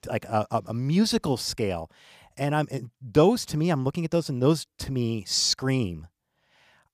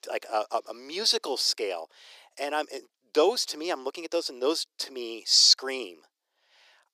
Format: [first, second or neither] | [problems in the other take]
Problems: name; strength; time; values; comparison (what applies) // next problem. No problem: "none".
first | thin; very; fading below 350 Hz